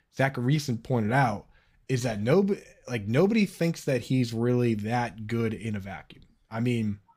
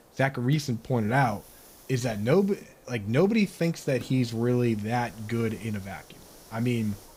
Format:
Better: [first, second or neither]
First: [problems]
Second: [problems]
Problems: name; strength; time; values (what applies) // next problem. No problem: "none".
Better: first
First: none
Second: hiss; faint; throughout; 25 dB below the speech